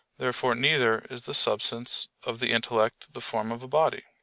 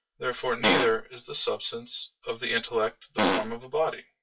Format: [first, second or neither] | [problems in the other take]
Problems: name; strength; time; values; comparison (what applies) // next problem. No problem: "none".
first | noise reduction (classical method WPE with log-MMSE)